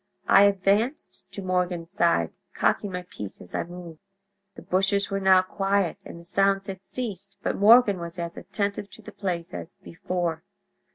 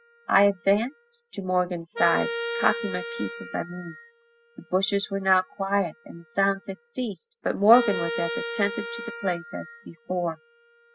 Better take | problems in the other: first | noise reduction (classical method spectral subtraction)

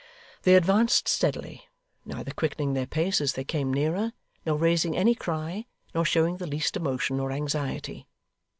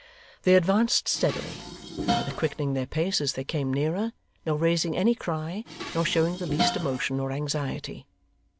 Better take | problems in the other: first | background sound (Dishes, pots, and pans); 9 dB below the speech

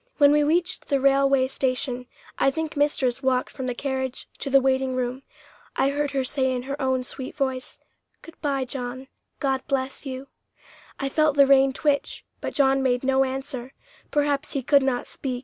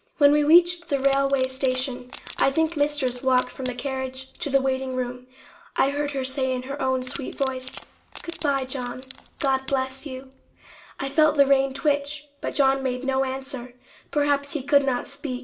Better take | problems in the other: first | background sound (Wood); 20 dB below the speech // room echo; dies away in 0.4 s

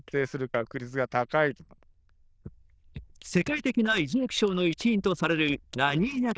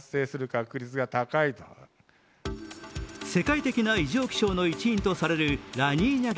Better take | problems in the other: second | noise reduction (neural diffusion model UNIVERSE++)

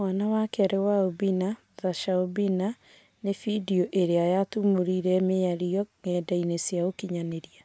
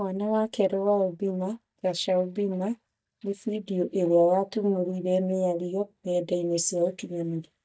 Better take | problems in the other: first | noise reduction (neural mask model DeepFilterNet 3)

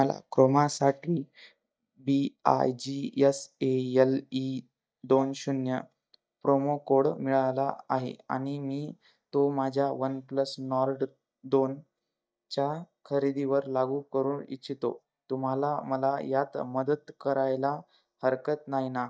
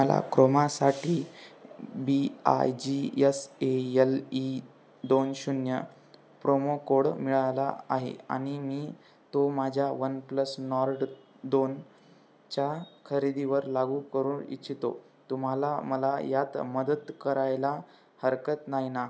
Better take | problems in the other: second | noise reduction (neural mask model DeepFilterNet 3)

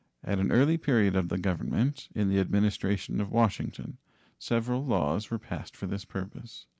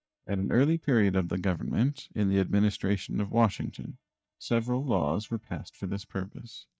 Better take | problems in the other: first | noise reduction (neural mask model DeepFilterNet 3)

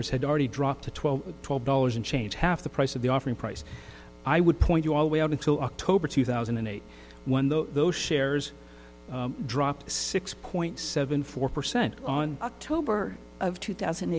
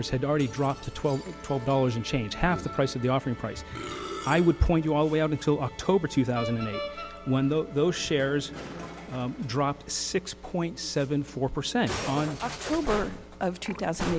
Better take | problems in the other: first | background sound (Musical instrument); 12 dB below the speech

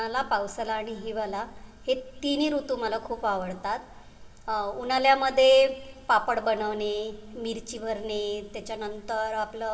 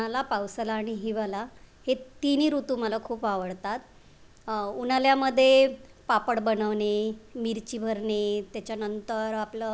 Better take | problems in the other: second | room echo; dies away in 2.1 s

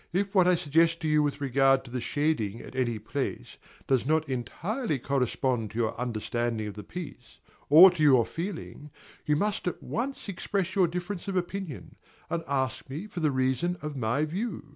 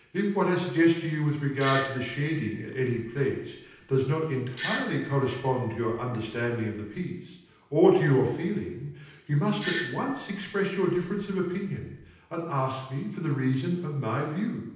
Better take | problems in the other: first | background sound (Doorbell); 13 dB below the speech // room echo; dies away in 0.9 s

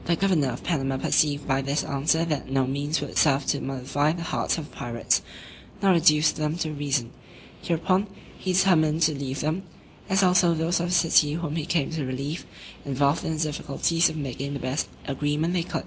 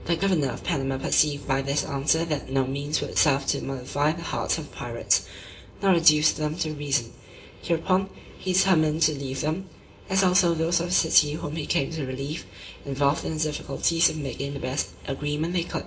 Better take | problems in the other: first | room echo; dies away in 0.4 s

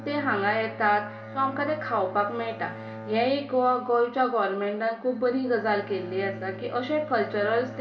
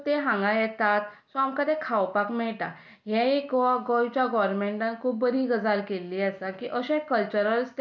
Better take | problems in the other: second | background sound (Bowed string instrument); 14 dB below the speech // room echo; dies away in 2.4 s

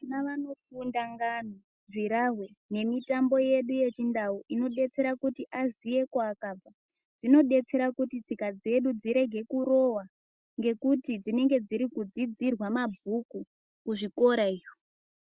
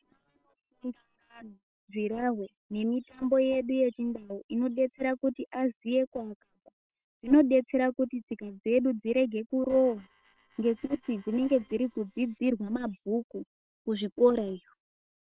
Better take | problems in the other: first | noise reduction (neural separator model SepFormer WHAM!)

